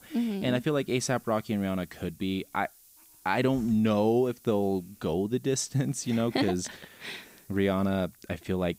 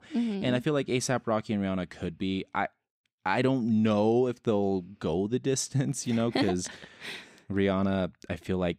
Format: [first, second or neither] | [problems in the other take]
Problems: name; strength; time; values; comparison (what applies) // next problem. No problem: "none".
second | hiss; faint; throughout; 25 dB below the speech